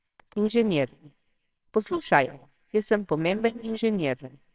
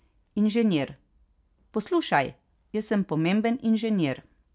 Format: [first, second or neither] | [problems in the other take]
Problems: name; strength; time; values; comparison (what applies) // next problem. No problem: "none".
second | noise reduction (neural separator model SepFormer WHAMR!)